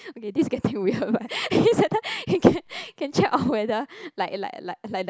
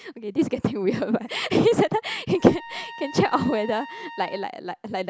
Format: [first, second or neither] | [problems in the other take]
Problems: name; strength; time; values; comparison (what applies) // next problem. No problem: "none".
first | background sound (Trumpet); 18 dB below the speech